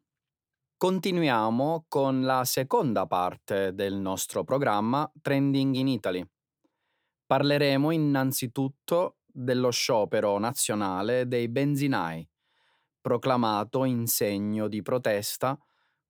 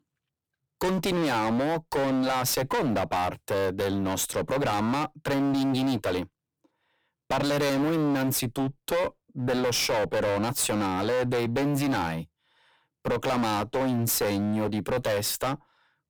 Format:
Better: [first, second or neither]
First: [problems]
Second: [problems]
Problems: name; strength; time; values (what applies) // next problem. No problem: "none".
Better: first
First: none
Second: distortion; heavy; 26% of the sound clipped